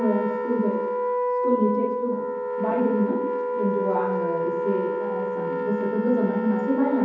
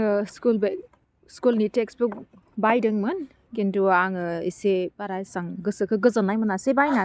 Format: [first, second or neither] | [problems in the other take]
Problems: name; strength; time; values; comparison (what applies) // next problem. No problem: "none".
second | background sound (Wind instrument, woodwind instrument); 1 dB below the speech // room echo; dies away in 0.9 s